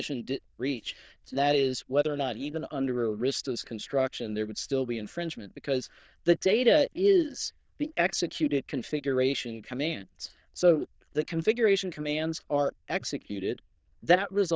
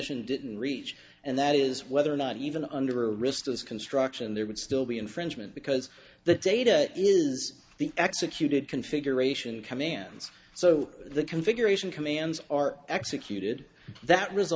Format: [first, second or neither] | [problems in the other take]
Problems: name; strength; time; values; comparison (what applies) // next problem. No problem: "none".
second | noise reduction (neural diffusion model UNIVERSE++)